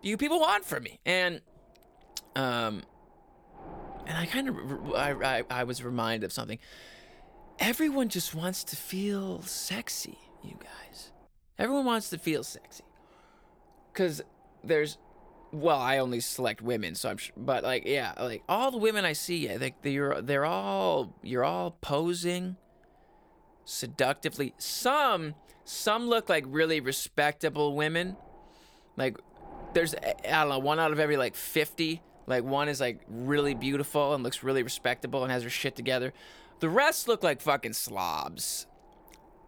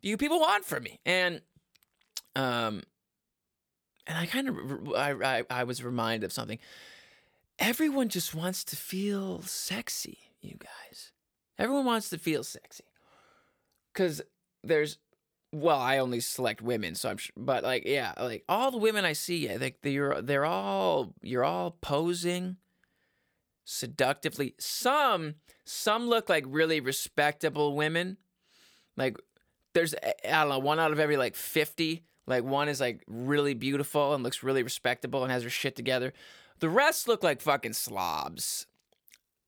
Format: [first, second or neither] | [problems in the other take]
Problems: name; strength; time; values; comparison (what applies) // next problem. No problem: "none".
second | wind noise on the microphone; occasional gusts; 25 dB below the speech